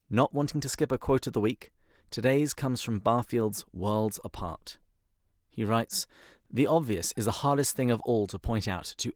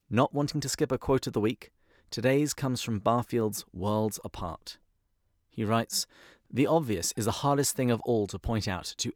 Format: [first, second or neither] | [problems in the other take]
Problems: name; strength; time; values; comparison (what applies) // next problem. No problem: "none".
second | garbled, watery; slightly